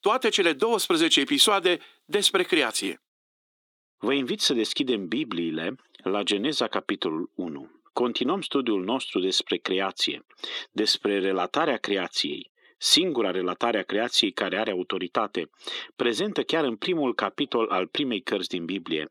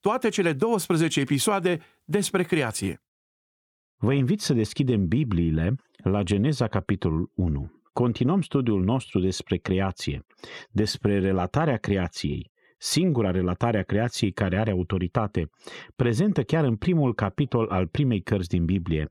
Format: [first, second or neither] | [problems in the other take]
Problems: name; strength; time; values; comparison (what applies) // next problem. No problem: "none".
second | thin; somewhat; fading below 300 Hz